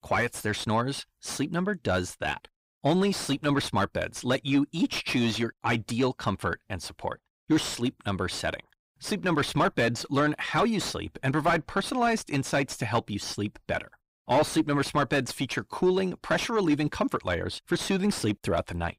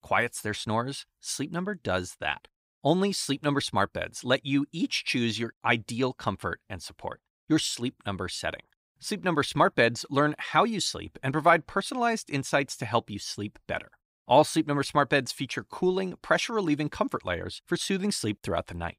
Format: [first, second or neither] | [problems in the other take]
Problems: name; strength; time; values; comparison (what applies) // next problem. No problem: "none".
second | distortion; heavy; 7 dB below the speech